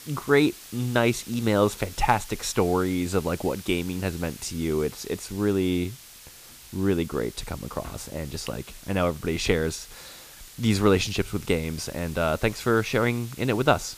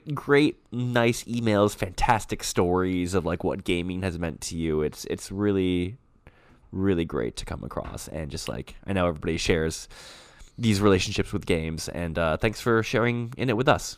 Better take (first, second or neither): second